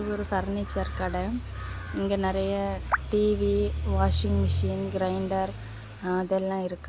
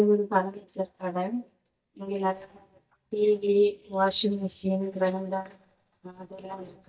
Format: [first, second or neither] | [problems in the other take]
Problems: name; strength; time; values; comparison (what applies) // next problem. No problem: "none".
first | noise reduction (neural mask model DeepFilterNet 3)